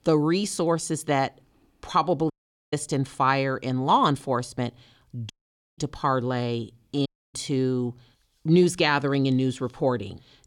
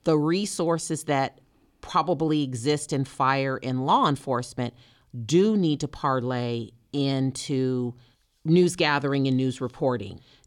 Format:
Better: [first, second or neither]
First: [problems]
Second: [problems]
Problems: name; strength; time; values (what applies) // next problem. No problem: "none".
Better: second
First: audio cutting out; at 2.5 s, at 5.5 s and at 7 s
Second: none